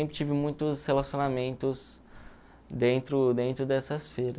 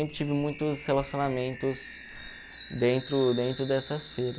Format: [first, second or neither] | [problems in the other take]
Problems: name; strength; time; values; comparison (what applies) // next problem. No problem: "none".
first | background sound (Chime); 16 dB below the speech